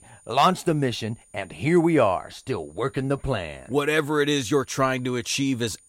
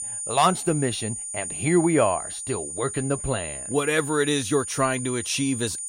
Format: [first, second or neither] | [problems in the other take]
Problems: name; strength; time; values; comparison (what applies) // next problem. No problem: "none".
first | high-pitched whine; loud; throughout; 9 kHz, 6 dB below the speech; faint in the first